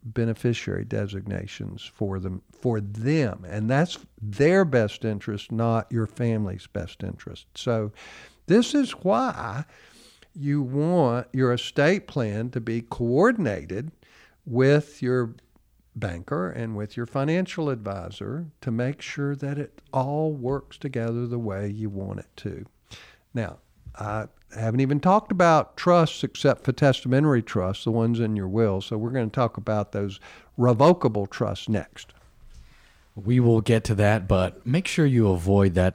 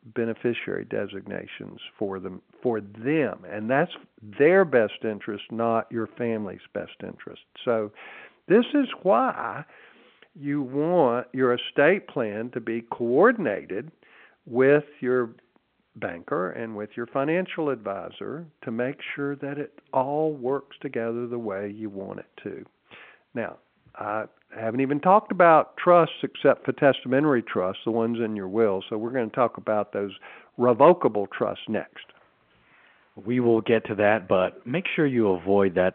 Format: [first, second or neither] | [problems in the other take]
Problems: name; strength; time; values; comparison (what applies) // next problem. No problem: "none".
first | phone-call audio